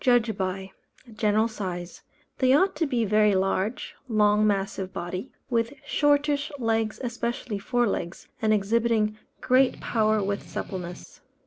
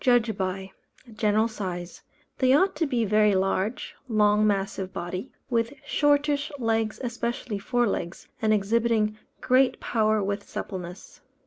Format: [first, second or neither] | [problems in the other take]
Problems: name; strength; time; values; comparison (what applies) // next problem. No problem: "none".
second | background sound (Strum); 17 dB below the speech